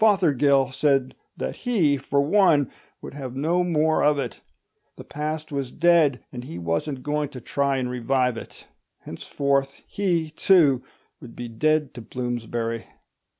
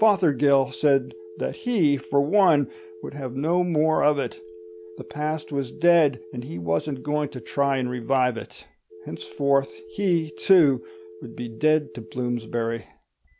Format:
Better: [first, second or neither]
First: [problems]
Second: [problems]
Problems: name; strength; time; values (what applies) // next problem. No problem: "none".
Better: first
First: none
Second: background sound (Telephone); 19 dB below the speech